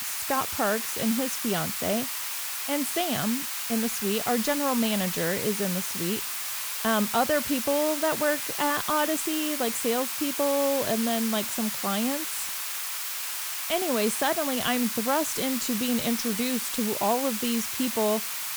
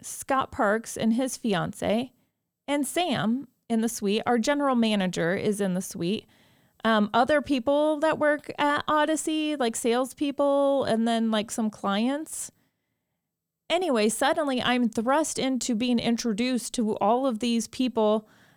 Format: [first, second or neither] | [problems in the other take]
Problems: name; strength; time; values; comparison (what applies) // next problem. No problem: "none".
second | hiss; loud; throughout; as loud as the speech